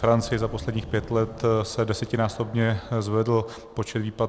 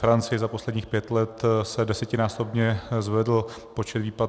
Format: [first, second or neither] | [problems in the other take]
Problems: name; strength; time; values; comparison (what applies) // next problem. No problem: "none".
second | background sound (Subway, metro, underground); 18 dB below the speech